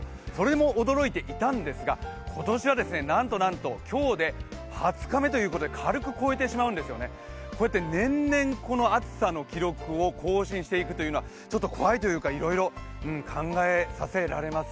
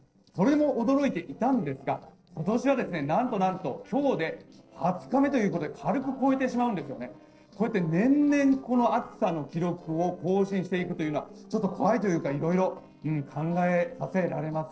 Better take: first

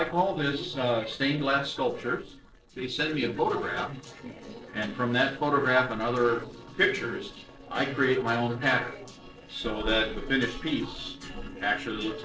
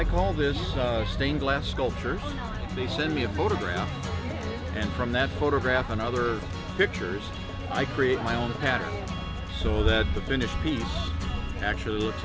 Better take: second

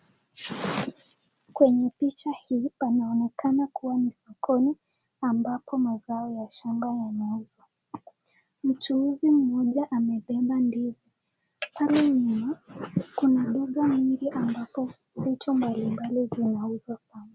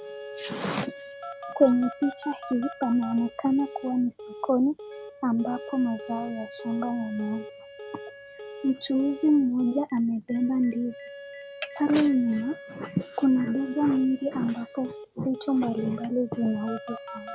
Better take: first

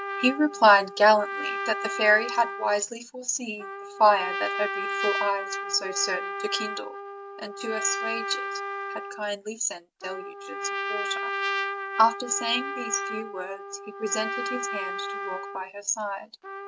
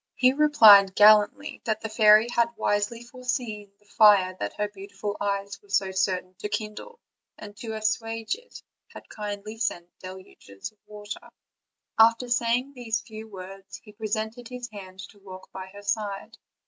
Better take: second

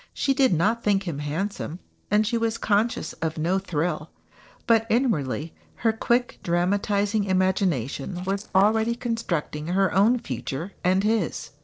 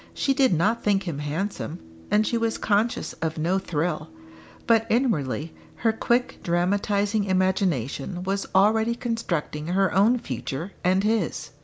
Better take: second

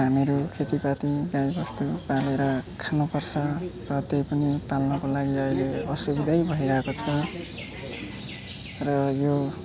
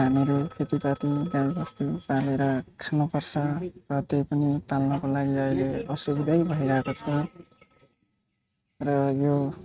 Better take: first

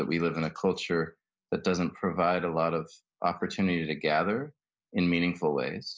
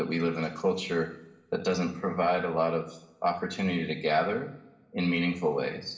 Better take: first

